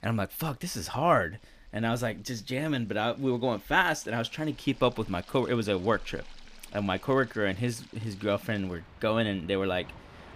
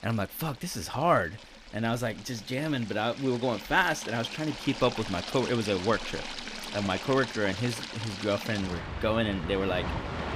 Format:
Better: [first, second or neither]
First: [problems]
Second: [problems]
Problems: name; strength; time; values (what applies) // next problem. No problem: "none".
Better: first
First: rain or running water; faint; throughout; 25 dB below the speech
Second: rain or running water; loud; throughout; 8 dB below the speech